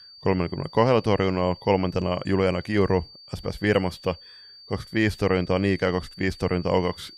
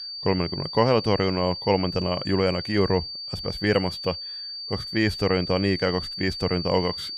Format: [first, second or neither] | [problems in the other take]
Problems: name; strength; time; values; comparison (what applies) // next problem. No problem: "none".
first | high-pitched whine; loud; throughout; 4.5 kHz, 7 dB below the speech; faint in the first